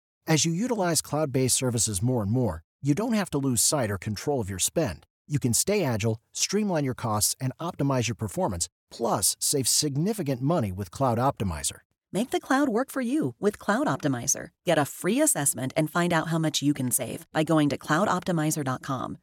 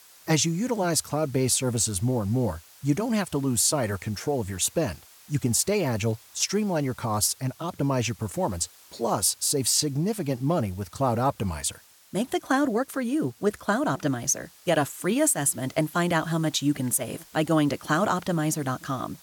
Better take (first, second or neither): first